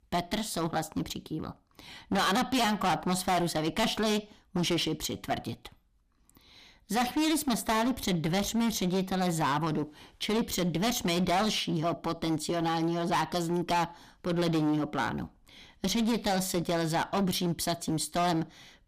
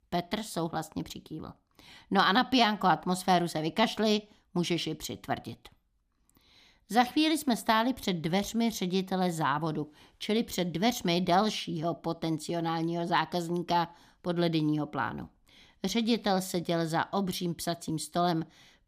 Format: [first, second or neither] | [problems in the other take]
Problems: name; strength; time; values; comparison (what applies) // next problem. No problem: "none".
second | distortion; heavy; 16% of the sound clipped